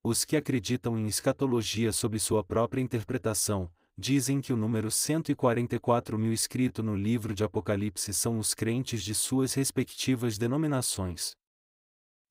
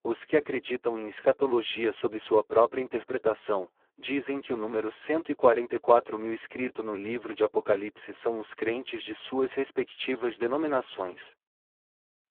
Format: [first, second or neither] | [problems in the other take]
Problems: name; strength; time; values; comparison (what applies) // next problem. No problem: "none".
first | phone-call audio; poor line; nothing above 3.5 kHz